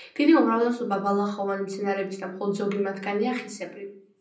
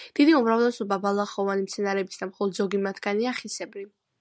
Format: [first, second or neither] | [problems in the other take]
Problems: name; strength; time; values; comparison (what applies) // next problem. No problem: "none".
second | room echo; dies away in 0.6 s